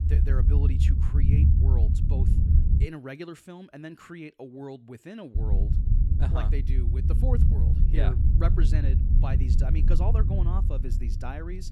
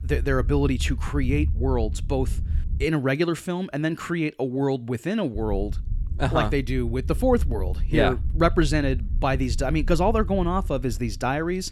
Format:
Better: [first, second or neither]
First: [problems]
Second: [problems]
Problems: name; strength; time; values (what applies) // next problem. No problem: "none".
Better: second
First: low rumble; loud; until 3 s and from 5.5 s on; as loud as the speech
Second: low rumble; faint; until 3 s and from 5.5 s on; 20 dB below the speech